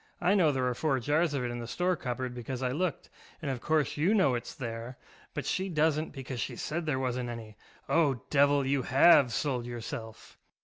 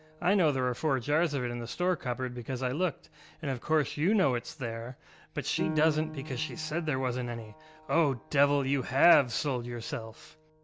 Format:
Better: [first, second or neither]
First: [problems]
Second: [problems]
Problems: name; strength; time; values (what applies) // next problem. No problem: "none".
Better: first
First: none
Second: background sound (Piano); 15 dB below the speech